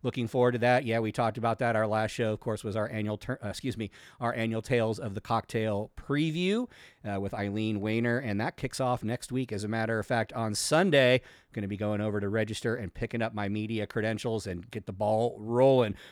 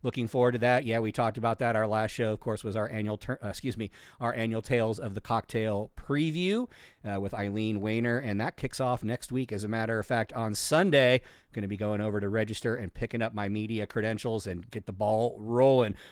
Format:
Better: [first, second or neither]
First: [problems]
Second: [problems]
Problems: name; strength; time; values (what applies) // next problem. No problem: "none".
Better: first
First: none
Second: garbled, watery; slightly